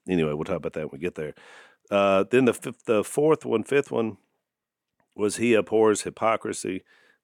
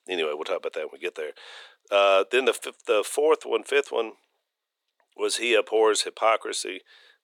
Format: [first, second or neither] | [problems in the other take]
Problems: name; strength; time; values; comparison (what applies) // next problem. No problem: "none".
first | thin; very; fading below 400 Hz